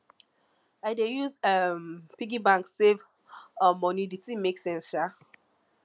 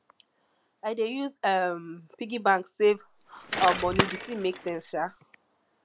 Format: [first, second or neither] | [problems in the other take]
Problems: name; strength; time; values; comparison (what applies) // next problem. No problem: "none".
first | background sound (Bicycle); 4 dB below the speech